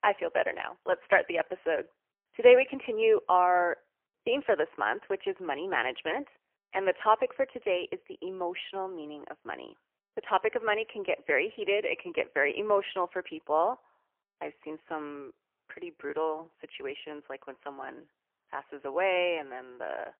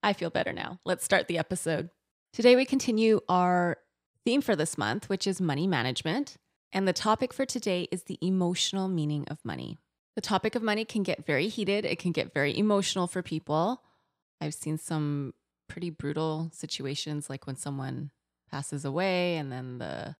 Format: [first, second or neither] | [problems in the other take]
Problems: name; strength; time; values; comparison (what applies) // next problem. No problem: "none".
second | phone-call audio; poor line; nothing above 3 kHz